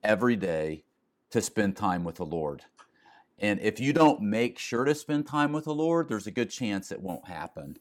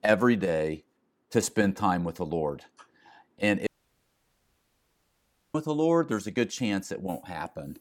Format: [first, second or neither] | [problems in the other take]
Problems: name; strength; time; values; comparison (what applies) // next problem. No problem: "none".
first | audio cutting out; at 3.5 s for 2 s